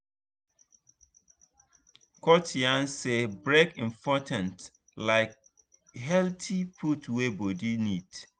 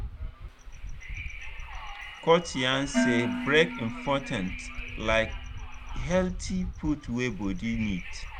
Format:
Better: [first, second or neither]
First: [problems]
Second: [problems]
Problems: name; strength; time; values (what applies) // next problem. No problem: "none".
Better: first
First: none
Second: background sound (Dishes, pots, and pans + Wind); 4 dB below the speech